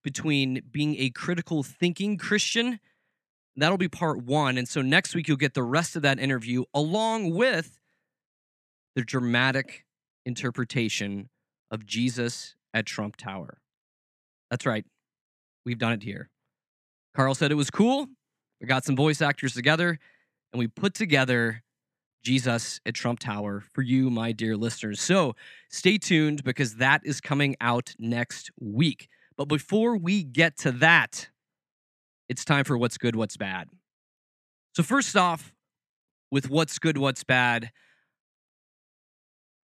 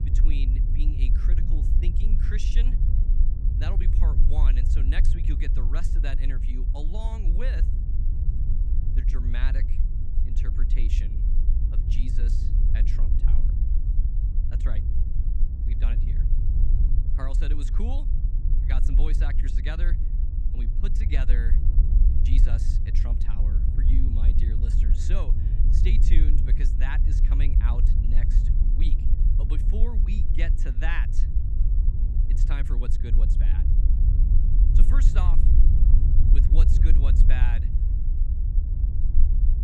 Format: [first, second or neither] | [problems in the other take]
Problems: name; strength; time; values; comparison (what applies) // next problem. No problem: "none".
first | low rumble; loud; throughout; 3 dB below the speech